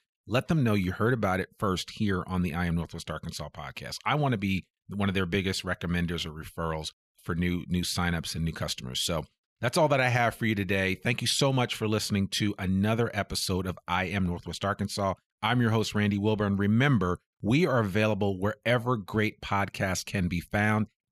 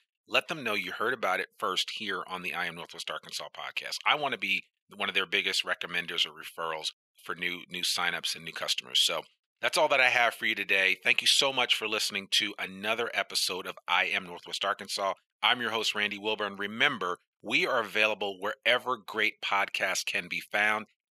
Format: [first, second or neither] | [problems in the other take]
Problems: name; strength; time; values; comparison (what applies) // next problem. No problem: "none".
first | thin; very; fading below 550 Hz